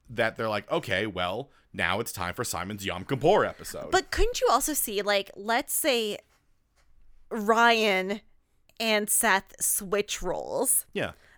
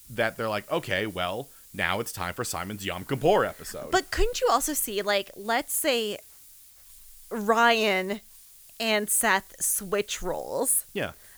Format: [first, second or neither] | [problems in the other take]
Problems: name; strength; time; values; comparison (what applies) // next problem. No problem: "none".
first | hiss; faint; throughout; 20 dB below the speech